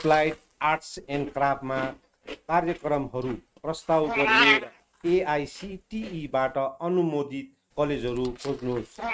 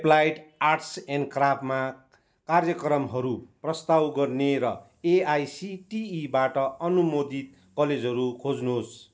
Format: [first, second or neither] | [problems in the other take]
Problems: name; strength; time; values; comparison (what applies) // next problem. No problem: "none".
second | noise reduction (neural mask model RNNoise)